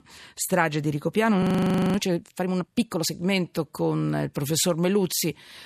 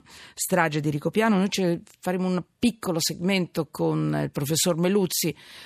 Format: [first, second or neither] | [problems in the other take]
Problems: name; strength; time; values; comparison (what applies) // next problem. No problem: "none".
second | audio freezing; at 1.5 s for 0.5 s